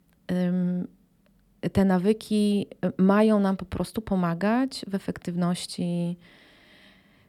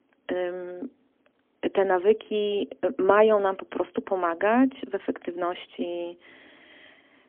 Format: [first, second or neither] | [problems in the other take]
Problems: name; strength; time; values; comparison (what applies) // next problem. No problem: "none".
first | phone-call audio; poor line; nothing above 3.5 kHz